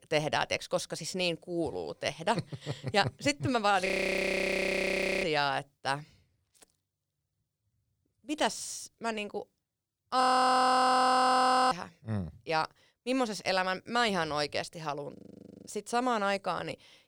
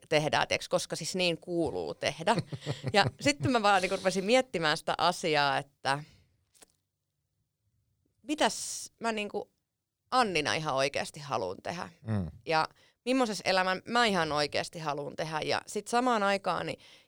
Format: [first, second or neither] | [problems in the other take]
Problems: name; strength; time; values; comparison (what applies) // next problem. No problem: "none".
second | audio freezing; at 4 s for 1.5 s, at 10 s for 1.5 s and at 15 s for 0.5 s